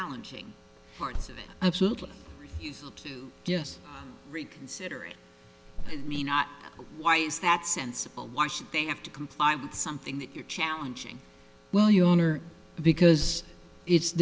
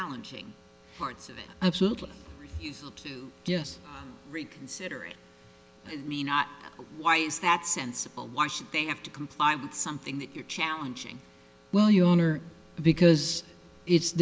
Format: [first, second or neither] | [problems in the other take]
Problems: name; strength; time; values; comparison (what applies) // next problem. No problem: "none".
second | background sound (Cricket); 13 dB below the speech